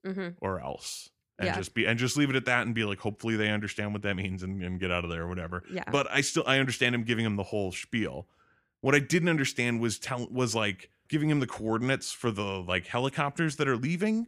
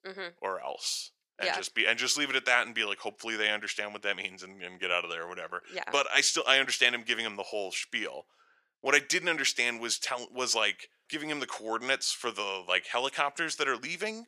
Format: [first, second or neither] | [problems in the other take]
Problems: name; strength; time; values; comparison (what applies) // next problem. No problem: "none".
first | thin; very; fading below 600 Hz